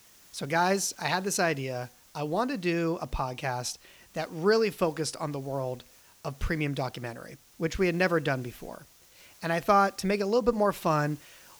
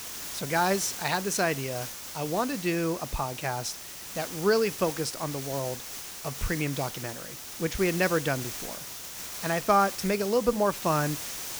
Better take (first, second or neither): first